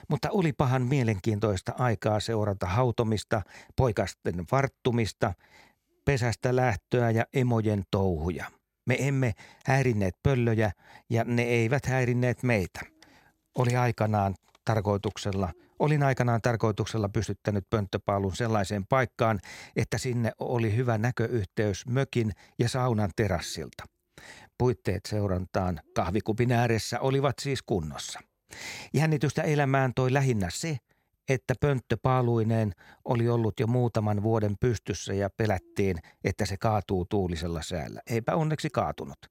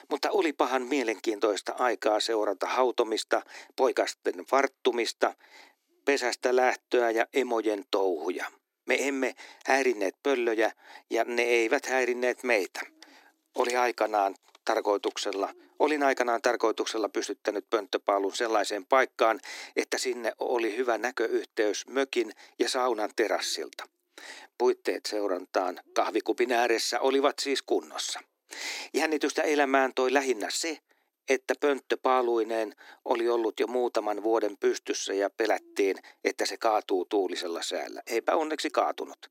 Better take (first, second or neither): first